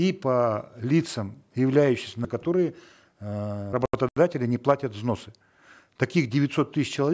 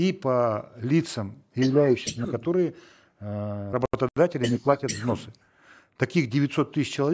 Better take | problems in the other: first | noise reduction (neural mask model Resemble Enhance denoiser)

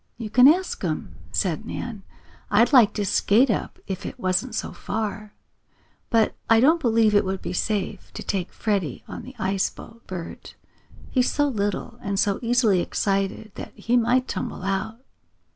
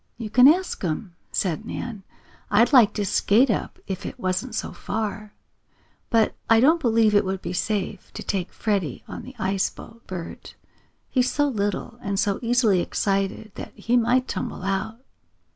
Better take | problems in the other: second | background sound (Boom); 15 dB below the speech

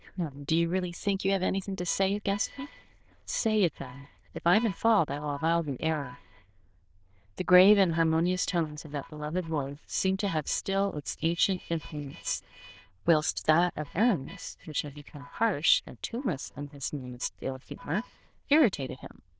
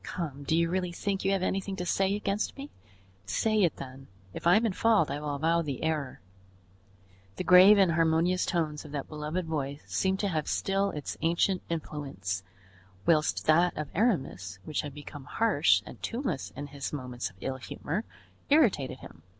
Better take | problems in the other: second | noise reduction (neural diffusion model UNIVERSE++)

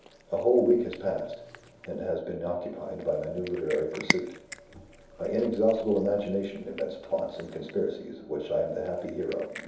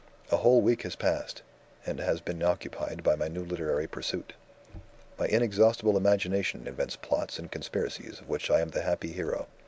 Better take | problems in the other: second | background sound (Cat); 12 dB below the speech // room echo; dies away in 2.8 s

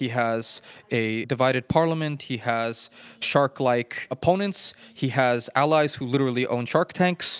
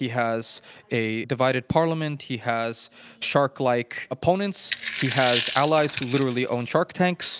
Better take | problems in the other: first | background sound (Coin (dropping)); 8 dB below the speech

